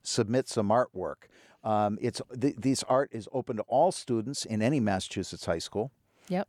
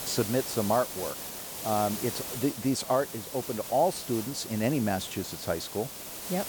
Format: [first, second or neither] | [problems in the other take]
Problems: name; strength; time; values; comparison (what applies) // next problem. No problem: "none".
first | hiss; loud; throughout; 6 dB below the speech